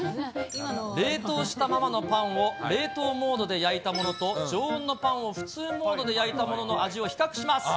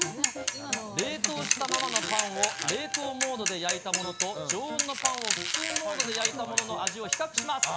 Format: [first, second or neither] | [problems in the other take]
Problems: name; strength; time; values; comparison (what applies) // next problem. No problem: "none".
first | background sound (Mechanisms / Bicycle + Squeak); 2 dB above the speech